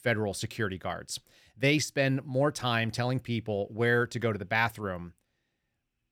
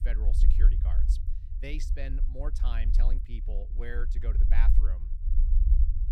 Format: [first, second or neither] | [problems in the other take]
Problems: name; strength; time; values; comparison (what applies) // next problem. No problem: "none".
first | low rumble; loud; throughout; 6 dB below the speech